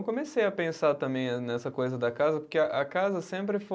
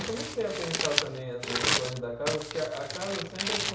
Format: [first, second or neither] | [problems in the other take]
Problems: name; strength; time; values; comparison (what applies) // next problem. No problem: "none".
first | background sound (Crumpling, crinkling); 1 dB above the speech // room echo; dies away in 0.6 s